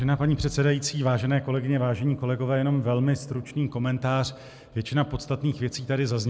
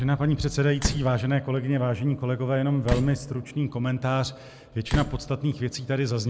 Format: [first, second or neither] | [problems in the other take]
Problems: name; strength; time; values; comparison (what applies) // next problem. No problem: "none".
first | background sound (Slam); 4 dB below the speech